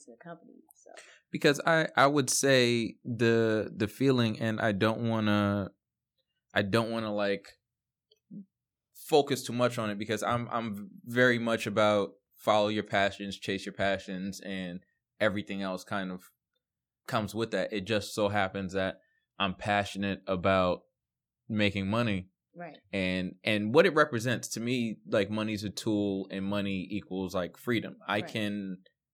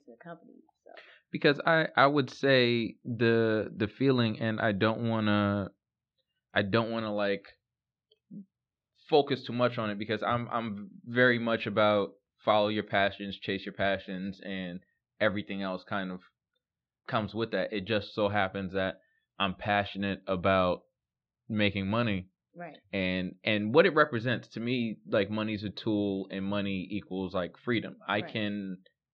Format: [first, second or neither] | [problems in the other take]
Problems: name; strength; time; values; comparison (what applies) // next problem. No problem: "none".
first | muffled; very slightly; fading above 4 kHz